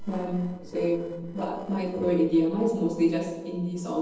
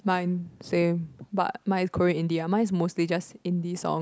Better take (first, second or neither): second